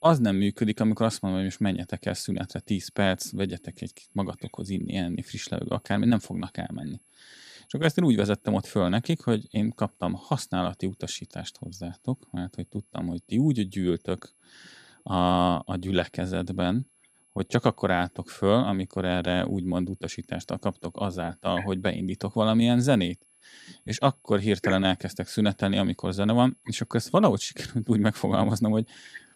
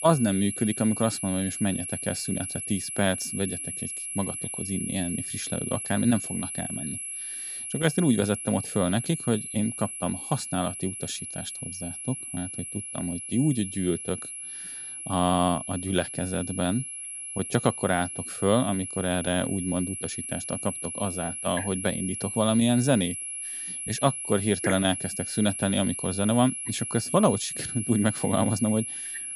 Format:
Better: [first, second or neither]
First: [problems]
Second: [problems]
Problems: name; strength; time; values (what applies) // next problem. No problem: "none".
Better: first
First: high-pitched whine; faint; throughout; 11 kHz, 35 dB below the speech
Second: high-pitched whine; loud; throughout; 11 kHz, 5 dB below the speech